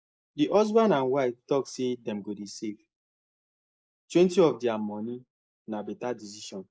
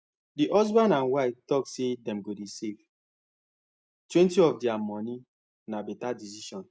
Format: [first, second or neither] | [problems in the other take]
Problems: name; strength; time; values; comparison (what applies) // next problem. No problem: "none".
second | noise reduction (neural mask model Resemble Enhance denoiser)